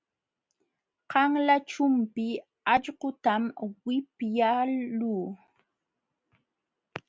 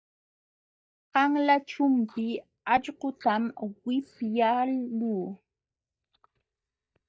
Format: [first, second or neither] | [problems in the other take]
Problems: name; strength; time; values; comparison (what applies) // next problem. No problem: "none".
first | noise reduction (neural mask model DeepFilterNet 3)